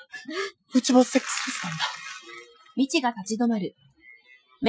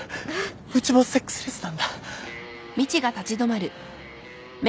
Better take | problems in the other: second | noise reduction (classical method Wiener filter)

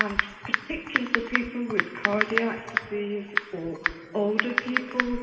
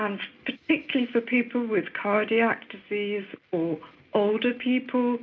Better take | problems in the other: second | background sound (Typing); 1 dB above the speech // room echo; dies away in 2.2 s

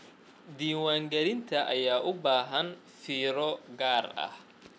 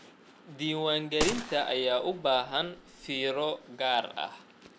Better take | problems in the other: first | background sound (Gunshot, gunfire); 8 dB below the speech

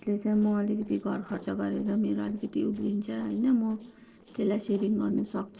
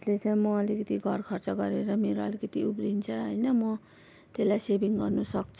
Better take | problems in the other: second | noise reduction (neural separator model SepFormer DNS4)

